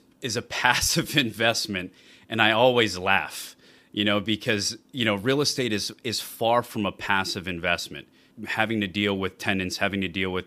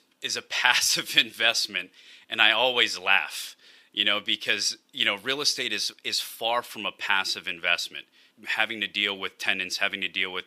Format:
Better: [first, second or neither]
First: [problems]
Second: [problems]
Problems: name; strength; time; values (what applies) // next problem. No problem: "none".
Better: first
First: none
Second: thin; somewhat; fading below 900 Hz